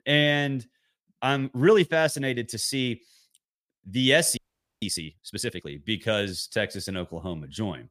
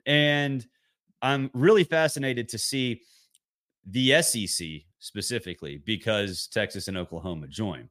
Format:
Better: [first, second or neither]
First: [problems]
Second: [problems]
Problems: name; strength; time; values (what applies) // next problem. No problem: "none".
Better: second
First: audio freezing; at 4.5 s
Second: none